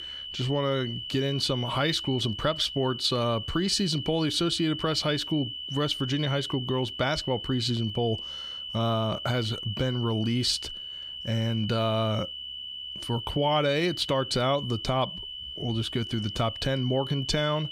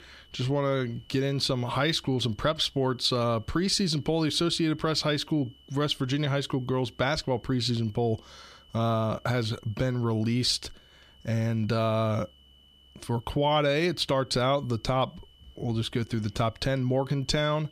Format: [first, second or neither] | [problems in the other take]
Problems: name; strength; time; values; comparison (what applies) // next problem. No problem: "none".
second | high-pitched whine; loud; throughout; 3 kHz, 7 dB below the speech; faint in the second